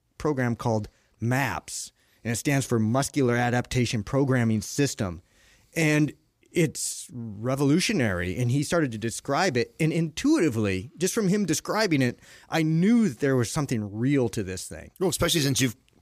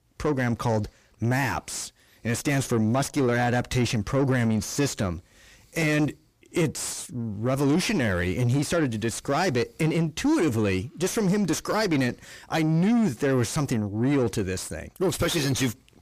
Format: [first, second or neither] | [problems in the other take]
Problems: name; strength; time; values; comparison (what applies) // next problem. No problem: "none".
first | distortion; slight; 9 dB below the speech